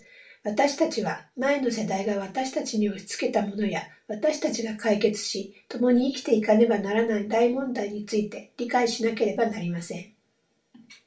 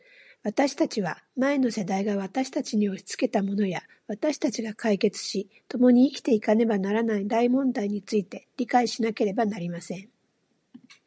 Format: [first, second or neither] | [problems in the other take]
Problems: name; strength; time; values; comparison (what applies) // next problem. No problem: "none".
second | room echo; dies away in 0.3 s